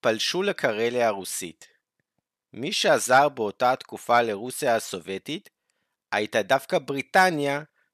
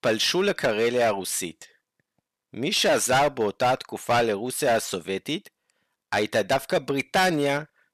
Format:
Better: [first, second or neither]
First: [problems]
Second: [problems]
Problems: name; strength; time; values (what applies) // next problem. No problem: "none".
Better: first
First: none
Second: distortion; heavy; 8% of the sound clipped